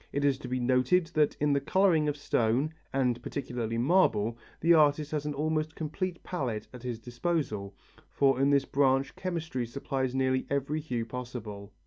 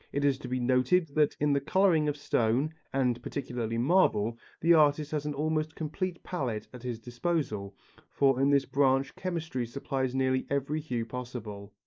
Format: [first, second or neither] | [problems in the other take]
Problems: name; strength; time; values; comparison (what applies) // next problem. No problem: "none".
first | noise reduction (neural mask model Resemble Enhance denoiser)